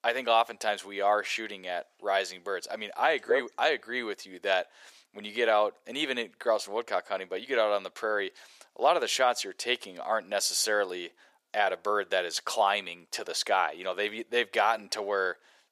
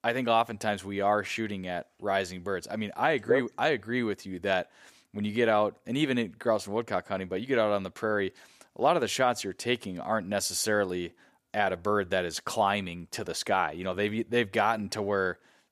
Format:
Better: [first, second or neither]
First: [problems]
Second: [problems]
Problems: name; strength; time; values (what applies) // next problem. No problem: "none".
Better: second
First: thin; somewhat; fading below 550 Hz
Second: none